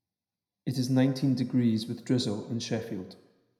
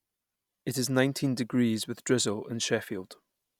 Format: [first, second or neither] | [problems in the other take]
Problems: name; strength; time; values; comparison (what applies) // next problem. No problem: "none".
second | room echo; dies away in 0.7 s